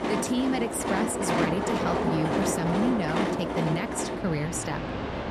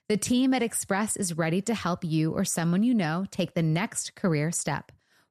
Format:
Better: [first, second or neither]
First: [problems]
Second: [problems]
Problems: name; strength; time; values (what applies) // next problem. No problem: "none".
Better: second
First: train or aircraft noise; very loud; throughout; 1 dB above the speech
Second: none